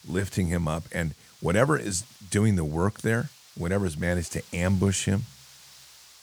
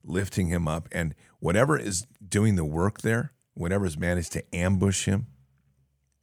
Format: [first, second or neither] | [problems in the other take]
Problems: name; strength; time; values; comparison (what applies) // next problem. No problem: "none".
second | hiss; faint; throughout; 25 dB below the speech